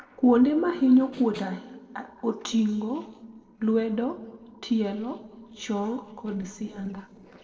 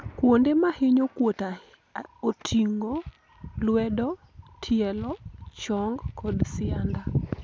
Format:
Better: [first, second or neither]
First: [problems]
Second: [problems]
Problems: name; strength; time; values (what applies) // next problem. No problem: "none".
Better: second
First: noise reduction (neural separator model SepFormer DNS4)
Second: none